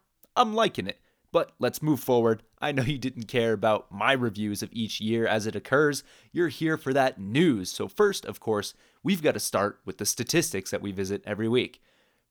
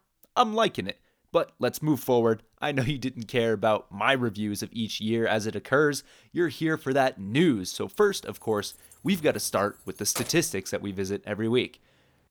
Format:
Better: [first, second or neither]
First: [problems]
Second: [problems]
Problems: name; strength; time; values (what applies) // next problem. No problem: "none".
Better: first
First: none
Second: jangling keys; noticeable; from 8 to 10 s; peak 8 dB below the speech